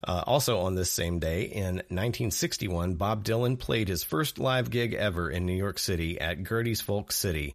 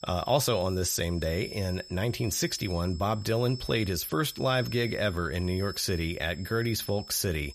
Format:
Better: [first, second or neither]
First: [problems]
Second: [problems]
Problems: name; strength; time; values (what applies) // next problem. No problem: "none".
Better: first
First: none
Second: high-pitched whine; noticeable; throughout; 5.5 kHz, 15 dB below the speech